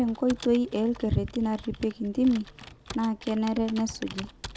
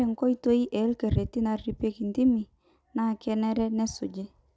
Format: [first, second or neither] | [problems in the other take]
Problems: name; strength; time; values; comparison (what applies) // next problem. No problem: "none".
second | background sound (Computer keyboard); 17 dB below the speech